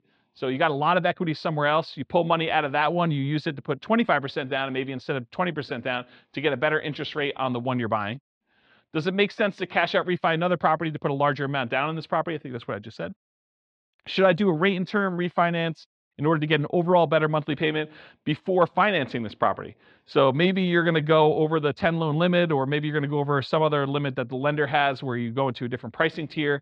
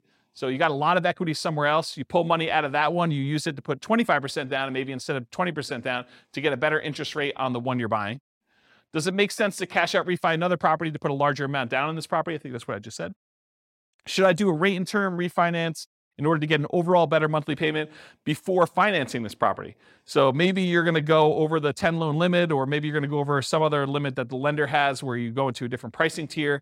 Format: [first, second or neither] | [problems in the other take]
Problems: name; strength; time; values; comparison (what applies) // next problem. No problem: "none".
second | muffled; slightly; fading above 3.5 kHz